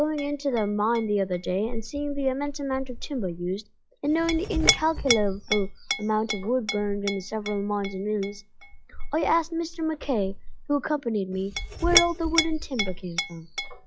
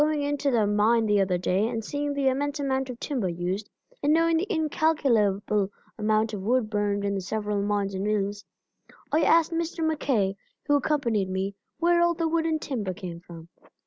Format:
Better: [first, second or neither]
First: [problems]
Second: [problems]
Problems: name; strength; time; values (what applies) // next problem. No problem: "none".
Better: second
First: noise reduction (classical method log-MMSE)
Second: none